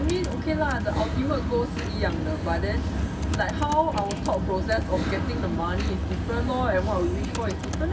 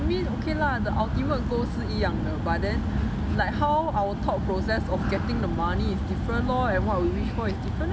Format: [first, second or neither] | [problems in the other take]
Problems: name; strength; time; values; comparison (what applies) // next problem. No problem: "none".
second | background sound (Computer keyboard); 12 dB below the speech // room echo; dies away in 0.2 s